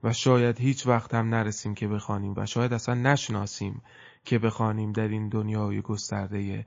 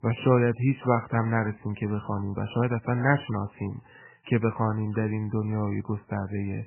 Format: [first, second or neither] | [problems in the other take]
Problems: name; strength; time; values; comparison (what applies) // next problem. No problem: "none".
first | garbled, watery; badly; nothing above 3 kHz; slightly in the first